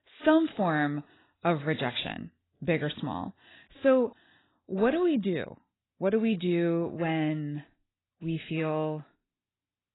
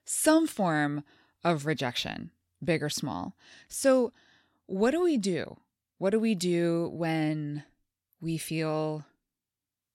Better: second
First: garbled, watery; badly; nothing above 4 kHz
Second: none

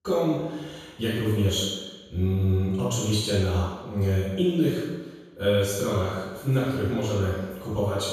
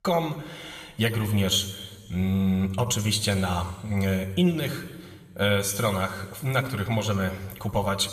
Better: second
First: room echo; strong; dies away in 1.1 s // off-mic speech; far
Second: room echo; slight; dies away in 1.7 s

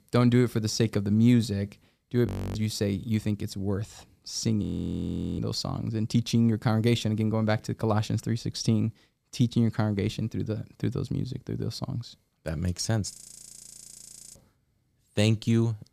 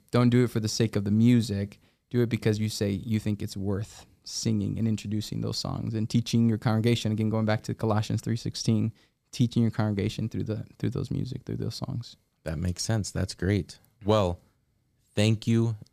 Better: second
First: audio freezing; at 2.5 s, at 4.5 s for 1 s and at 13 s for 1 s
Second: none

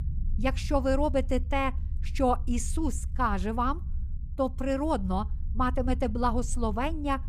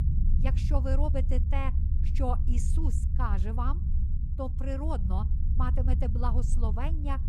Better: first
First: low rumble; faint; throughout; 25 dB below the speech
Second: low rumble; loud; throughout; 9 dB below the speech

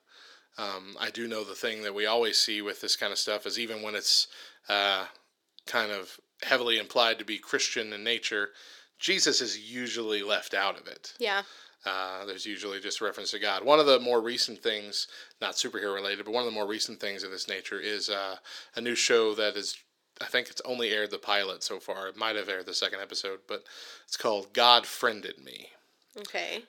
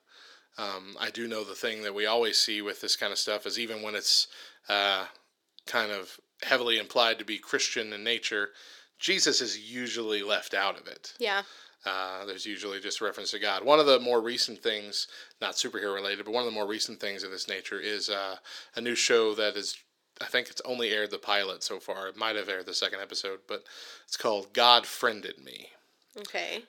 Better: neither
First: thin; somewhat; fading below 300 Hz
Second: thin; somewhat; fading below 300 Hz

